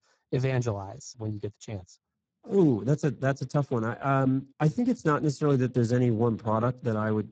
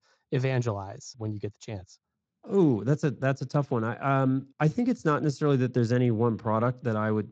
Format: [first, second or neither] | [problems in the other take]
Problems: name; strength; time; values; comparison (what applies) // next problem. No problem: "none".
second | garbled, watery; badly; nothing above 7.5 kHz; slightly in the second